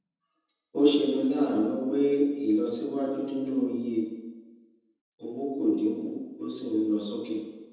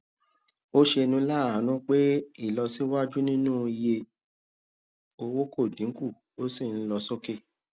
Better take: second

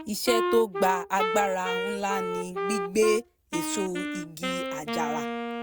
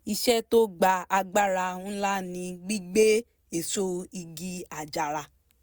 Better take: second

